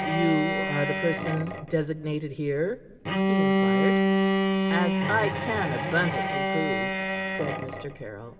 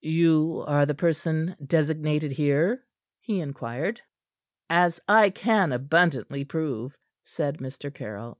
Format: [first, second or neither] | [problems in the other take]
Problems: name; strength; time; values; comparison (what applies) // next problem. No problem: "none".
second | background sound (Bowed string instrument); 3 dB above the speech // room echo; dies away in 2 s